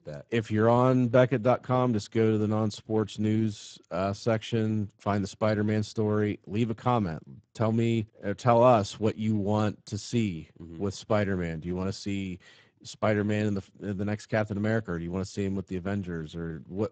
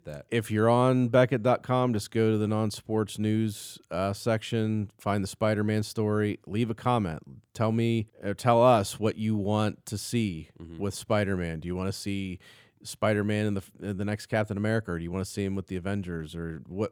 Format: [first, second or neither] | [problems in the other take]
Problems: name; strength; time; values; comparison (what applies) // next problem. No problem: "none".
second | garbled, watery; badly; nothing above 8 kHz